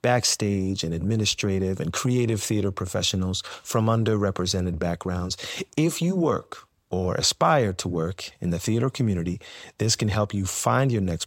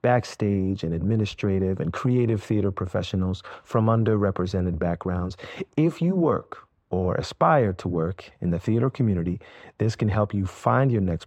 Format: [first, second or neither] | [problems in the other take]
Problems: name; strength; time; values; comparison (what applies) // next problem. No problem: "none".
first | muffled; very; fading above 3.5 kHz